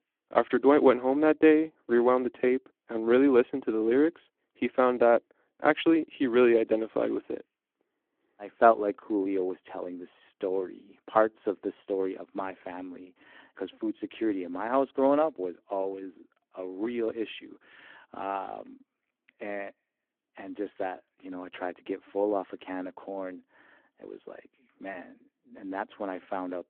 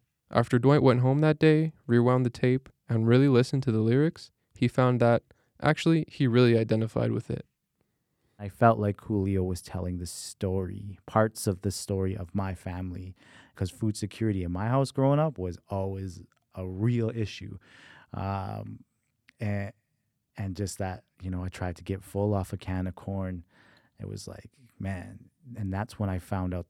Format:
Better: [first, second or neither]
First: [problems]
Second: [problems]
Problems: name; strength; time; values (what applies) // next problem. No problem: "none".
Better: second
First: phone-call audio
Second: none